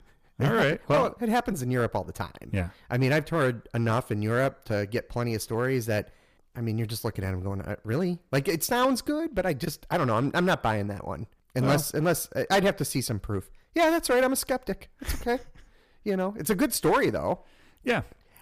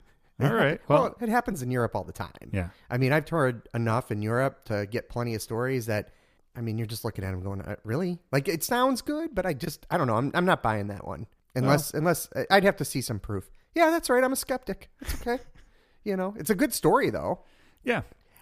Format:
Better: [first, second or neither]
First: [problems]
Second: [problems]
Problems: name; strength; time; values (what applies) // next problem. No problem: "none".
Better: second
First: distortion; slight; 4% of the sound clipped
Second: none